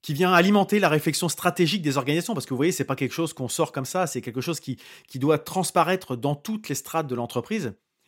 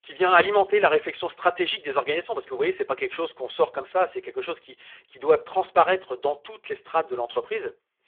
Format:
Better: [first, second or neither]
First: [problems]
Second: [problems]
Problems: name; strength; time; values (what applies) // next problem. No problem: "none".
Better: first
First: none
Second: phone-call audio; poor line; nothing above 3.5 kHz